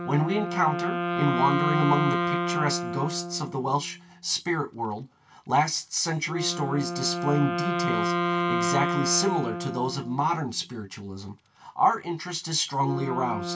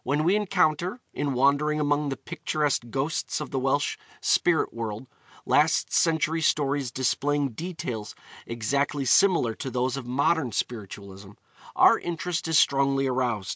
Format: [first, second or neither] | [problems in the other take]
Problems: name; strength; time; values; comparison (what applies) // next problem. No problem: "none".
second | background sound (Wind instrument, woodwind instrument); 3 dB below the speech // room echo; dies away in 0.2 s